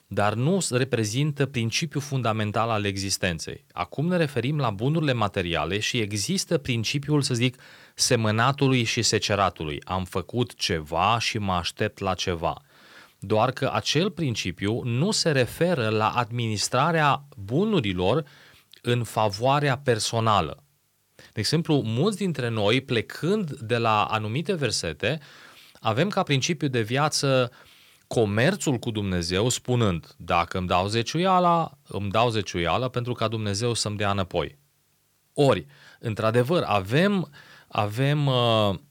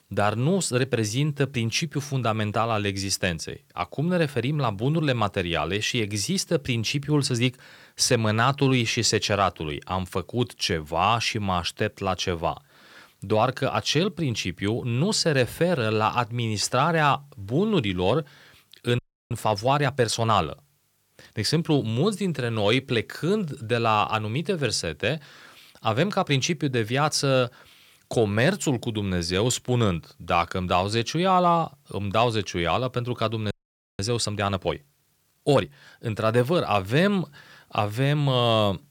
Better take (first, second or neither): first